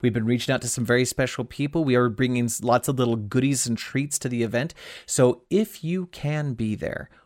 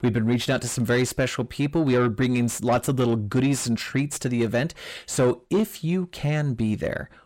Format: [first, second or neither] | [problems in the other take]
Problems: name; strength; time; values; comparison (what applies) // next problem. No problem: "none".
first | distortion; slight; 10 dB below the speech